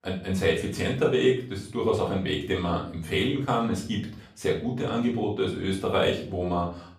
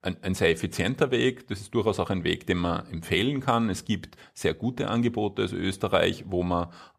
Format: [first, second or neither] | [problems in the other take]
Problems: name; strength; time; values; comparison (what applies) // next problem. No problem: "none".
second | off-mic speech; far // room echo; slight; dies away in 0.4 s